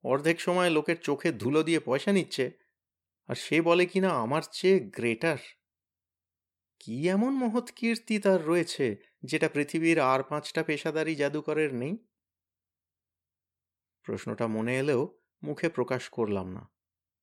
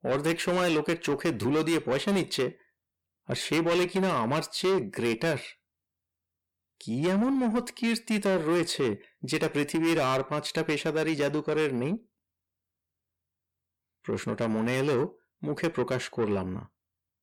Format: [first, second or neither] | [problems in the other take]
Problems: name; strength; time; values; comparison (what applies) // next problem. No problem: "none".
first | distortion; heavy; 8 dB below the speech